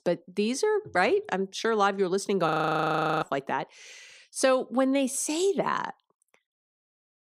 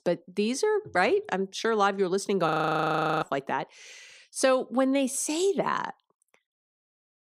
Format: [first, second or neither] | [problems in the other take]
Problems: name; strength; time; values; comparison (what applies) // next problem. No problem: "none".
neither | audio freezing; at 2.5 s for 0.5 s; the same in both